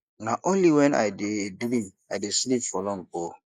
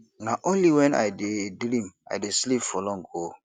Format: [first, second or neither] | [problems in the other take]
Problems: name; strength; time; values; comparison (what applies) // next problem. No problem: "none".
second | noise reduction (neural mask model Resemble Enhance denoiser)